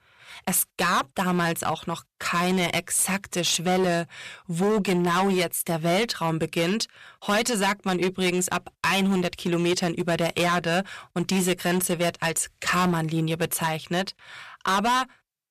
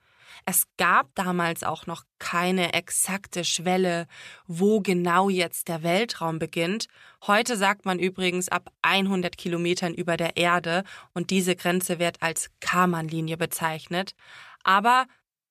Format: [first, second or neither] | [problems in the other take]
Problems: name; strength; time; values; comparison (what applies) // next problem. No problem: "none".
second | distortion; heavy; 13% of the sound clipped